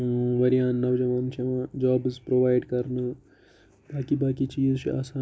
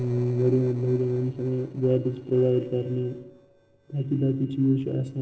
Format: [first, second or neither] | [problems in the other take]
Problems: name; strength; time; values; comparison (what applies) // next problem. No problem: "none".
first | noise reduction (neural separator model SepFormer DNS4)